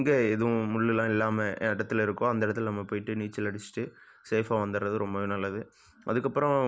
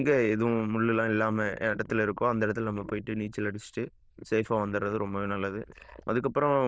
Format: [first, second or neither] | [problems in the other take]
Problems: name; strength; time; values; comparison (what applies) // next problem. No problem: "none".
first | noise reduction (neural diffusion model UNIVERSE++)